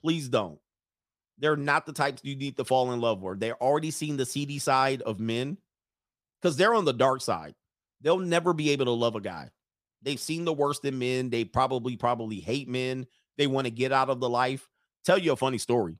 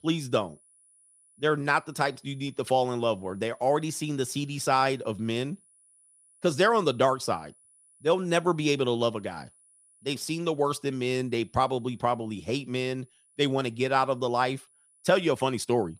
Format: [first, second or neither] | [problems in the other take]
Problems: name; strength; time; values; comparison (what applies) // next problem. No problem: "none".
first | high-pitched whine; faint; throughout; 10 kHz, 30 dB below the speech